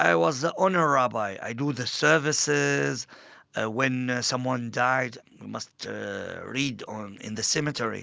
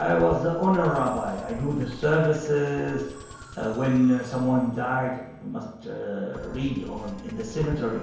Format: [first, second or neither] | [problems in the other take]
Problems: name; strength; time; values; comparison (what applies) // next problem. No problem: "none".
first | background sound (Musical instrument); 16 dB below the speech // room echo; dies away in 1 s